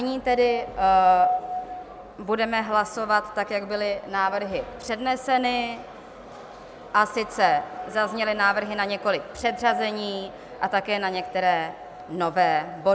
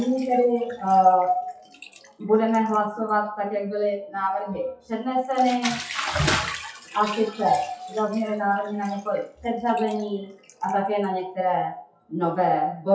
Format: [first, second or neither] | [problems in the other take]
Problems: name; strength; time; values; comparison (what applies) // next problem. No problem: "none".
first | noise reduction (classical method WPE with log-MMSE)